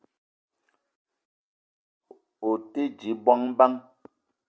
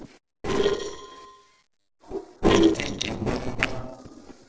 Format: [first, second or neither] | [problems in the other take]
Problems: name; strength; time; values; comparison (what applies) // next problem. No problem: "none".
first | noise reduction (neural separator model SepFormer DNS4)